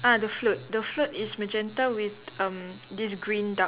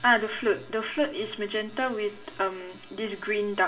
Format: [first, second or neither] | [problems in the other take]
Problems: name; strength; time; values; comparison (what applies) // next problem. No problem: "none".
first | room echo; dies away in 0.4 s